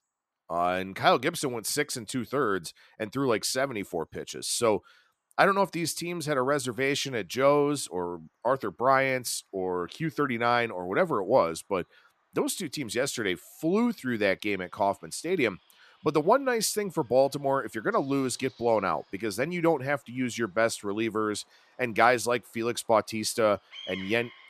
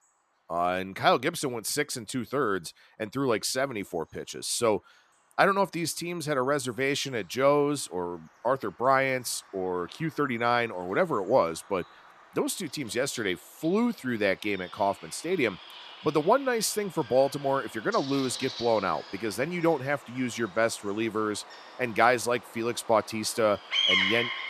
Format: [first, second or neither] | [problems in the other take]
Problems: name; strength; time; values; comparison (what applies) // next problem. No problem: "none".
first | animal sounds; loud; throughout; 6 dB below the speech; faint in the first